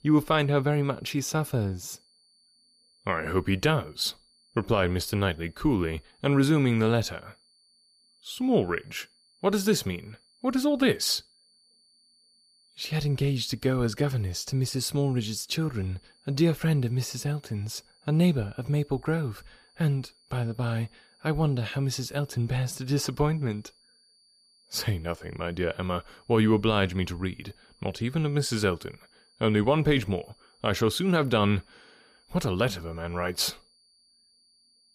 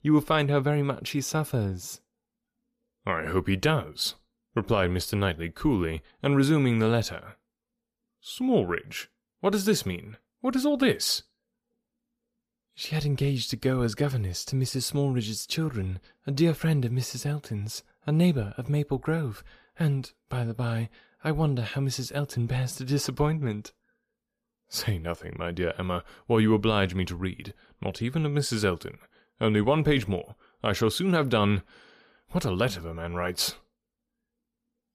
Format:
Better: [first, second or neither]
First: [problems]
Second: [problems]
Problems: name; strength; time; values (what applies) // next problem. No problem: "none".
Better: second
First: high-pitched whine; faint; throughout; 4.5 kHz, 35 dB below the speech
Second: none